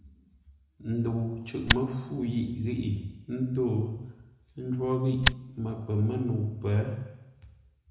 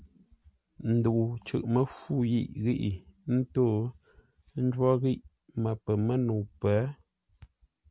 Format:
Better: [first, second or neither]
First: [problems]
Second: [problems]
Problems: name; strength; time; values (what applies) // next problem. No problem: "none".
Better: second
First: background sound (Tick); 3 dB above the speech // room echo; dies away in 0.9 s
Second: none